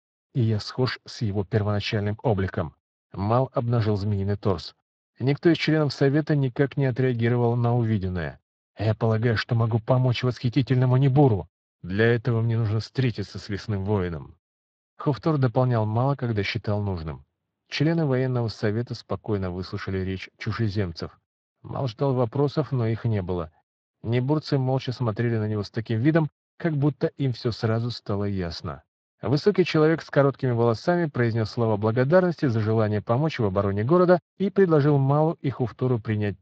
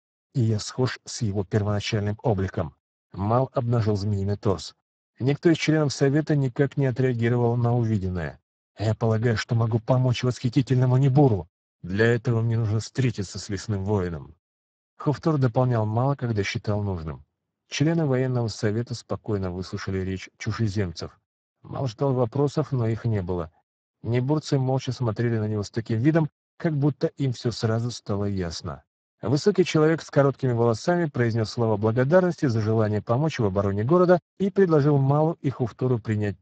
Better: first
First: garbled, watery; slightly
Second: garbled, watery; badly; nothing above 7.5 kHz

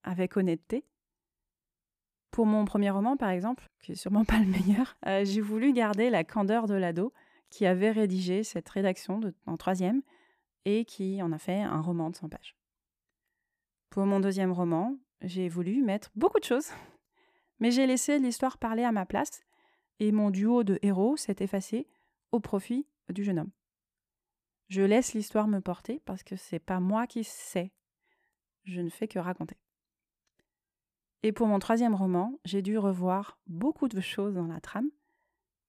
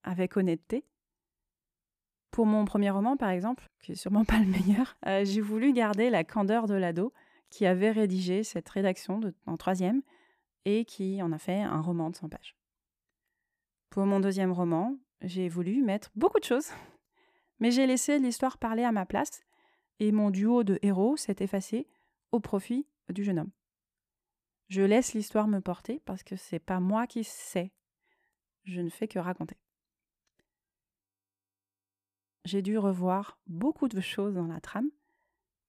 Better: first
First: none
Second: audio freezing; at 31 s for 1.5 s

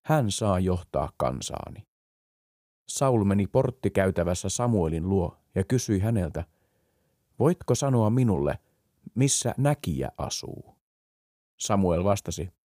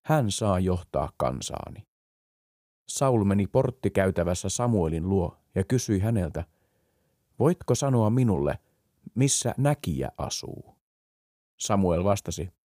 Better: neither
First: none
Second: none

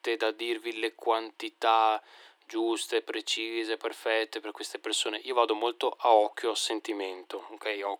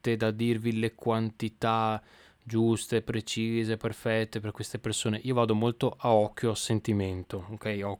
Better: second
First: thin; very; fading below 300 Hz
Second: none

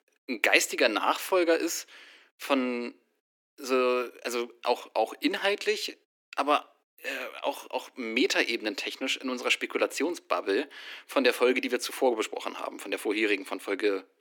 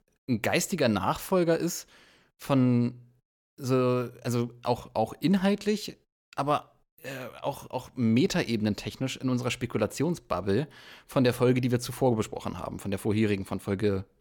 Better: second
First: thin; somewhat; fading below 300 Hz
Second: none

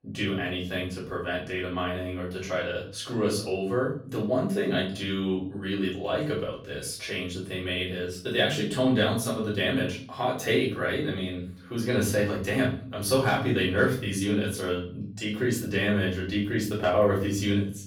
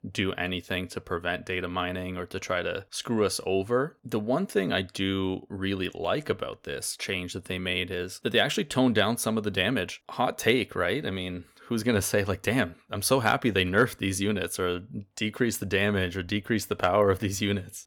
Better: second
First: off-mic speech; far // room echo; slight; dies away in 0.5 s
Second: none

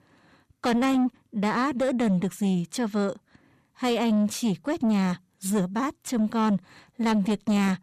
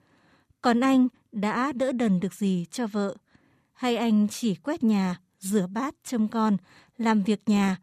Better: second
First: distortion; slight; 10 dB below the speech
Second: none

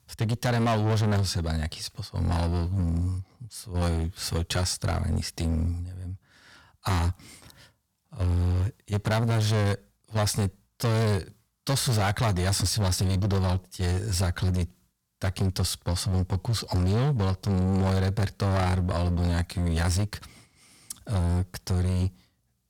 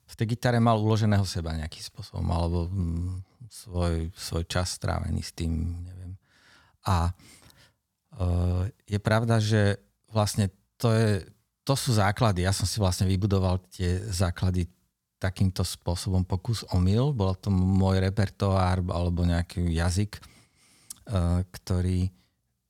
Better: second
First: distortion; heavy; 18% of the sound clipped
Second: none

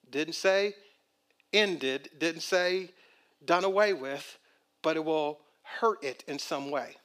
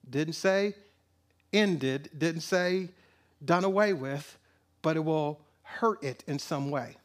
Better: second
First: thin; somewhat; fading below 400 Hz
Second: none

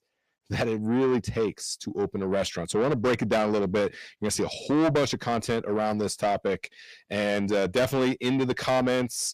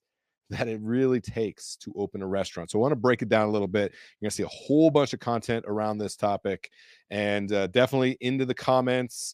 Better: second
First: distortion; heavy; 7 dB below the speech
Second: none

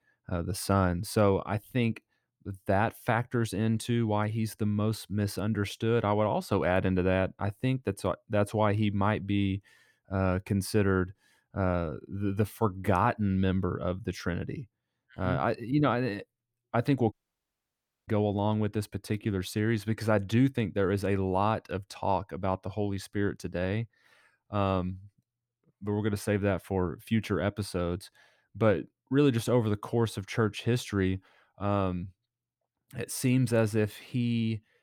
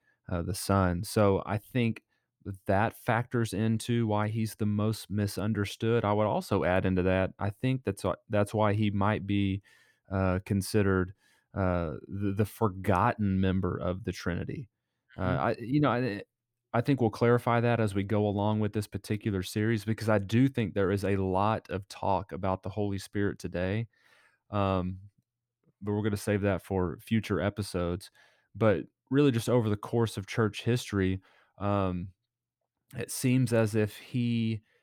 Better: second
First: audio cutting out; at 17 s for 1 s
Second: none

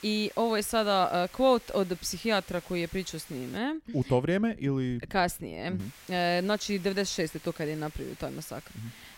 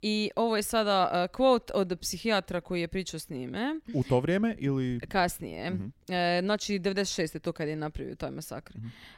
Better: second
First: hiss; noticeable; until 3.5 s and from 6 s on; 20 dB below the speech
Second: none

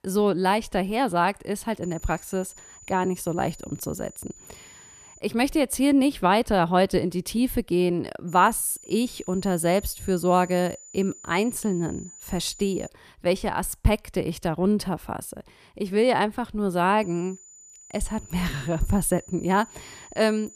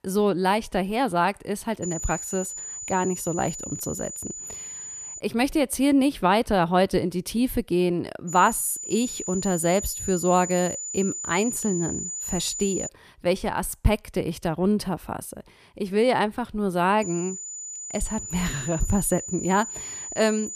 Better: first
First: high-pitched whine; faint; from 2 to 5 s, from 8.5 to 13 s and from 17 s on; 7 kHz, 20 dB below the speech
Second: high-pitched whine; loud; from 2 to 5 s, from 8.5 to 13 s and from 17 s on; 7 kHz, 7 dB below the speech

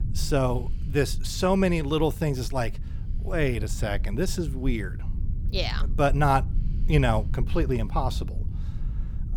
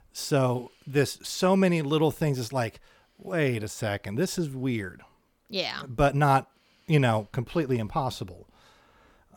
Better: second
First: low rumble; noticeable; throughout; 20 dB below the speech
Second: none

